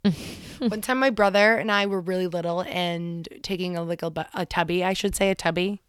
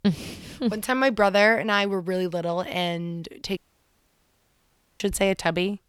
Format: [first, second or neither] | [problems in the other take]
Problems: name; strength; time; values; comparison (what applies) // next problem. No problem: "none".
first | audio cutting out; at 3.5 s for 1.5 s